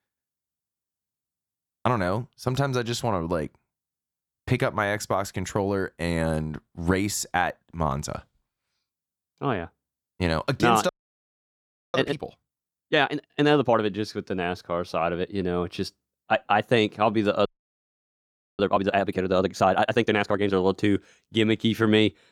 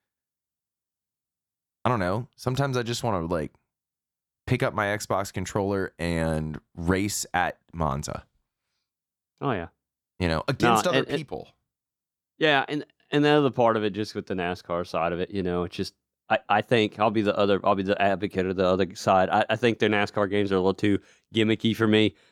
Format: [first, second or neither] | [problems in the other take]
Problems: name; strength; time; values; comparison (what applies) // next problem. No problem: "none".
second | audio freezing; at 11 s for 1 s and at 17 s for 1 s